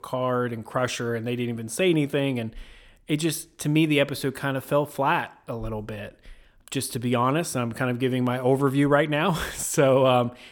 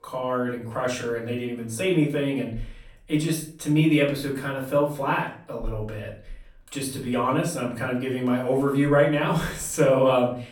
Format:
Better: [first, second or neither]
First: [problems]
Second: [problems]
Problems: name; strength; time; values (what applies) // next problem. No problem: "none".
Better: first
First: none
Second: room echo; slight; dies away in 0.4 s // off-mic speech; far